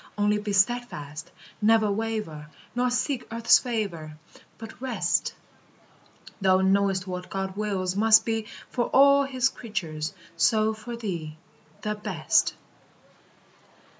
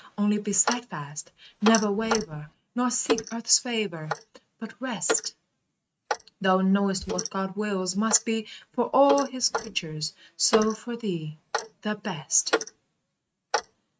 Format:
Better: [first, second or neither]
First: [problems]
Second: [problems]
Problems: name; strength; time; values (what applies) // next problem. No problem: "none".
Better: first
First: none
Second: noise reduction (neural mask model RNNoise)